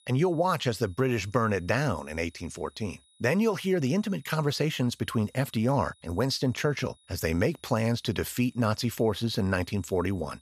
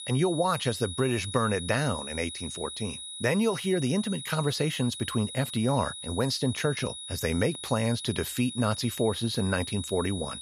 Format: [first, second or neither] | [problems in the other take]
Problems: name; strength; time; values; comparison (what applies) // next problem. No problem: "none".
first | high-pitched whine; loud; throughout; 4 kHz, 8 dB below the speech; faint in the first